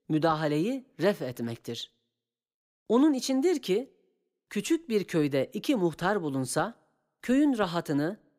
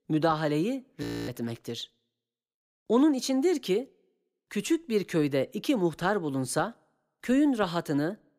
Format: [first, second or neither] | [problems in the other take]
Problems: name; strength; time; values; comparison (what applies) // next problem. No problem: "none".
first | audio freezing; at 1 s